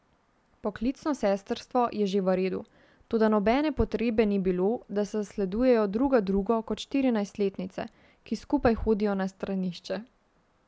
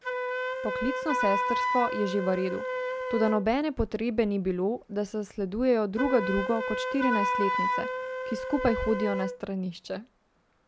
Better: first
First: none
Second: background sound (Wind instrument, woodwind instrument); 3 dB below the speech

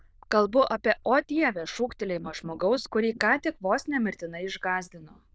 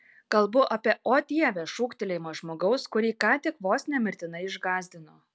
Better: second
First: noise reduction (neural diffusion model UNIVERSE++)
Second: none

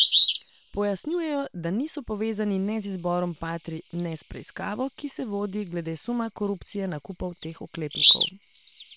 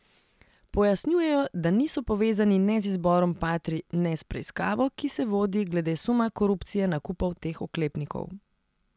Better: second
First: noise reduction (neural separator model SepFormer WHAM!)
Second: none

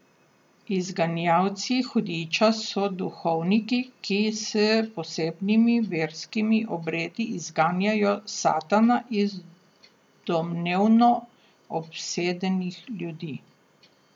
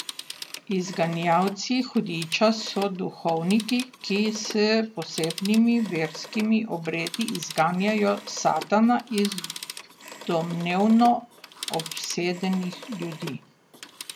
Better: first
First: none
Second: background sound (Telephone); 15 dB below the speech

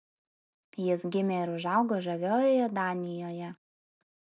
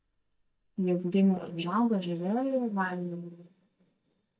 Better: first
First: none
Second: noise reduction (neural mask model DeepFilterNet 3)

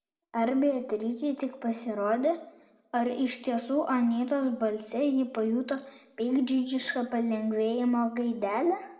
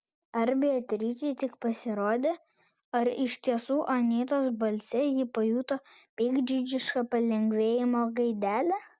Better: second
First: room echo; dies away in 0.8 s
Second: none

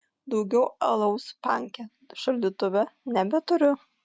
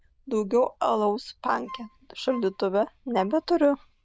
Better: first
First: none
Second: noise reduction (neural diffusion model UNIVERSE++)

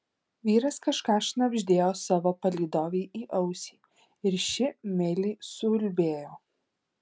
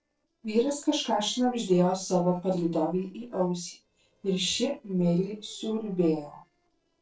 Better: first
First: none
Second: noise reduction (neural separator model SepFormer DNS4)

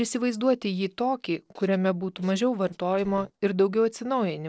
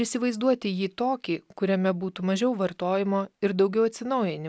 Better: second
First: noise reduction (neural separator model SepFormer DNS4)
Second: none

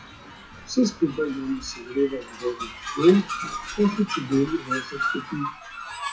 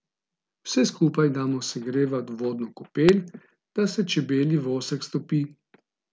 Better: second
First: noise reduction (classical method WPE with log-MMSE)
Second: none

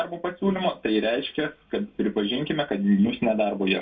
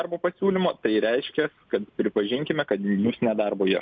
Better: second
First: room echo; dies away in 0.2 s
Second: none

